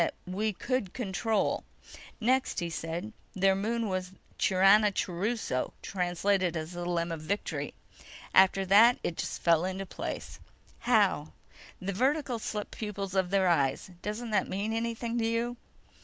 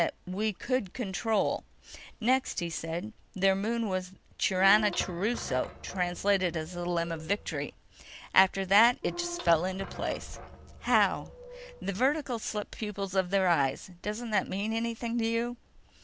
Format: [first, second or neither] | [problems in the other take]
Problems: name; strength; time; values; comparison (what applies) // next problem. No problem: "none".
first | background sound (Squeak / Thump, thud); 14 dB below the speech